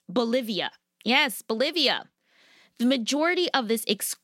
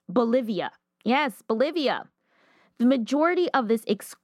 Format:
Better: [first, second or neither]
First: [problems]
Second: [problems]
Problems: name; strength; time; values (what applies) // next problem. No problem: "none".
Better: first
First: none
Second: muffled; slightly; fading above 2 kHz